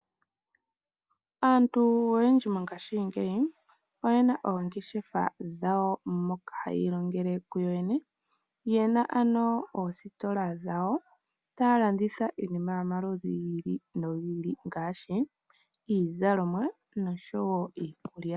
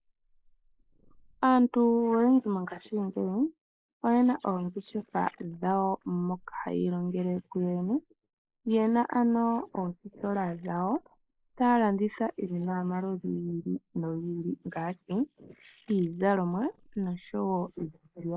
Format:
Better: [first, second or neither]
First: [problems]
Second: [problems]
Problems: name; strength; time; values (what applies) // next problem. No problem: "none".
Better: first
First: none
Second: noise reduction (neural mask model Resemble Enhance denoiser)